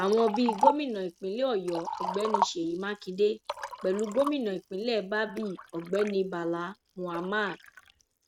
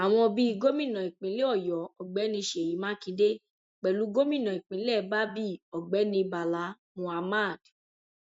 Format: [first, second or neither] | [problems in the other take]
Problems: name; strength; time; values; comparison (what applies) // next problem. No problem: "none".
second | noise reduction (neural mask model RNNoise)